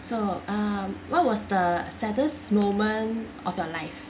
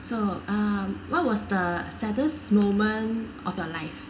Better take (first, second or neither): first